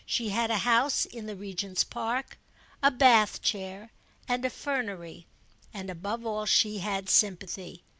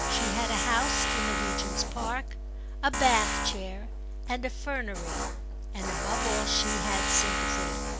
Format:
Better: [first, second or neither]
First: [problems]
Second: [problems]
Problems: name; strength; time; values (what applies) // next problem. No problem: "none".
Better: first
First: none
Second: background sound (Tools); 2 dB above the speech